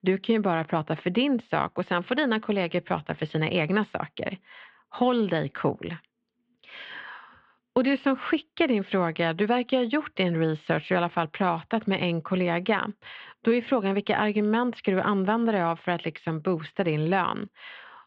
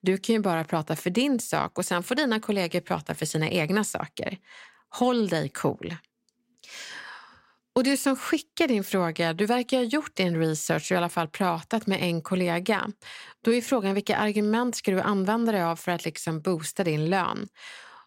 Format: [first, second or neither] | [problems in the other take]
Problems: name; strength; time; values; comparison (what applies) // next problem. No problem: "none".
second | muffled; very; fading above 3.5 kHz